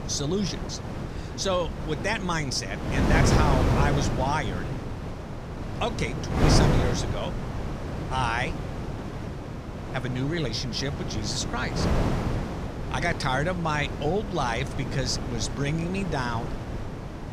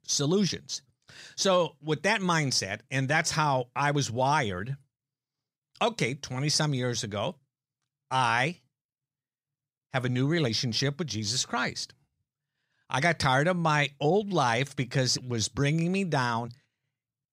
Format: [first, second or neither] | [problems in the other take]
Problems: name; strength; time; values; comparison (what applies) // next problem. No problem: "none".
second | wind noise on the microphone; heavy; 5 dB below the speech